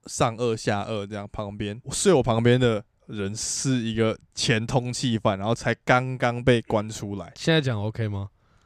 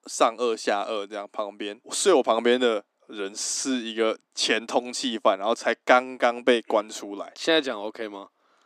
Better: first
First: none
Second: thin; somewhat; fading below 250 Hz

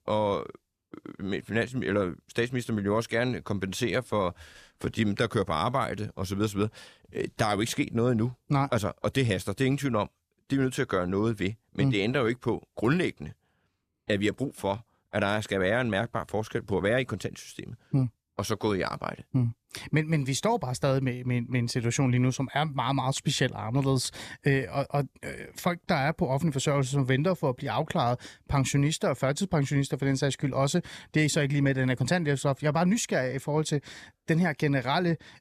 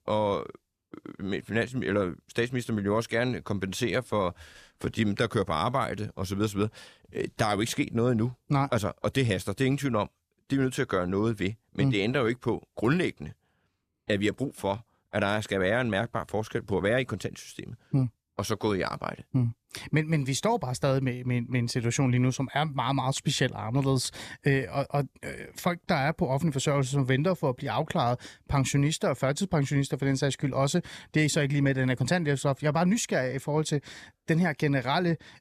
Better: neither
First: none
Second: none

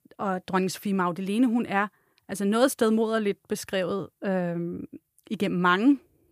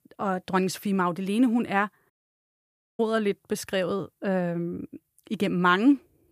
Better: first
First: none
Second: audio cutting out; at 2 s for 1 s

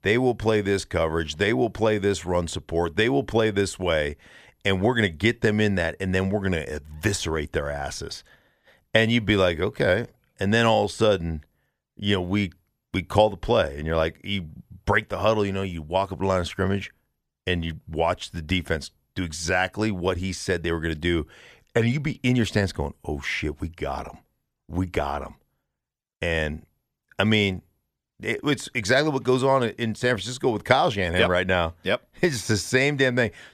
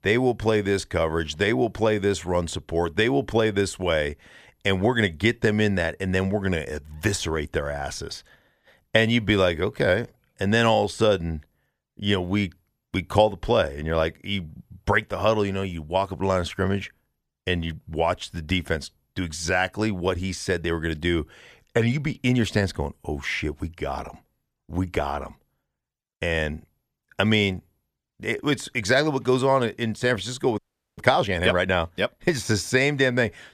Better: first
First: none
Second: audio freezing; at 31 s

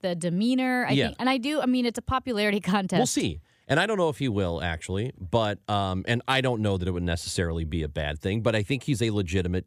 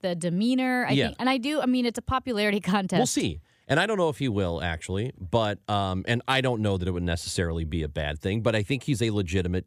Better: neither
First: none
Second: none

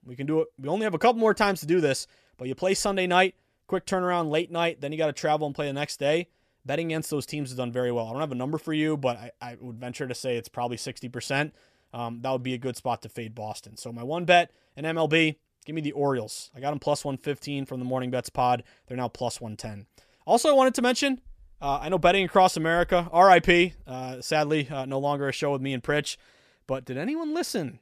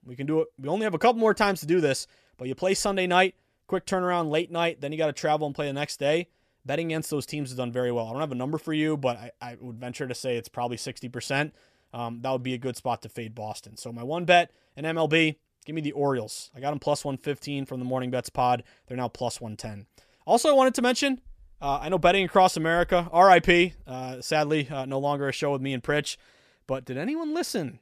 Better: neither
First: none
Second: none

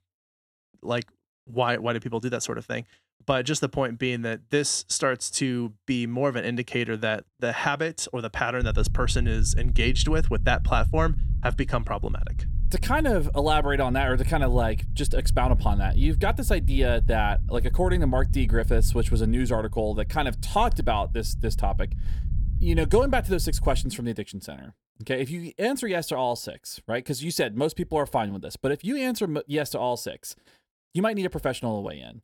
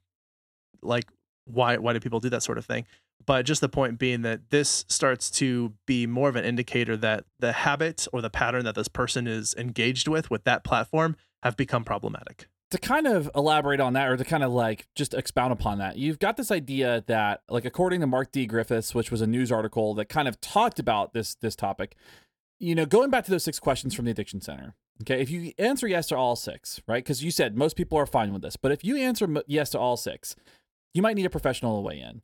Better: second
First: low rumble; noticeable; from 8.5 to 24 s; 20 dB below the speech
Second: none

